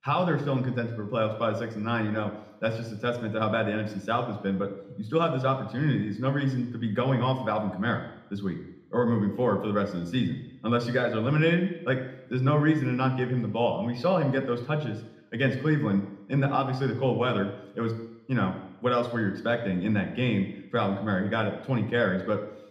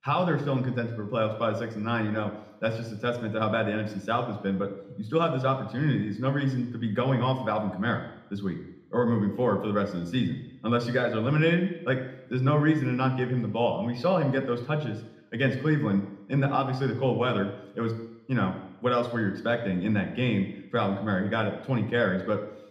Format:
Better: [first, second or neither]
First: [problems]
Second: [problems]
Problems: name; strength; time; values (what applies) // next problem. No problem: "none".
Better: neither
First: room echo; slight; dies away in 0.8 s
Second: room echo; slight; dies away in 0.8 s